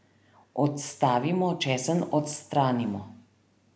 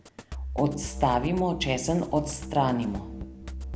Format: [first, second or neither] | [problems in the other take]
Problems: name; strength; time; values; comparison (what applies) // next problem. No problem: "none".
first | background sound (Drum kit); 9 dB below the speech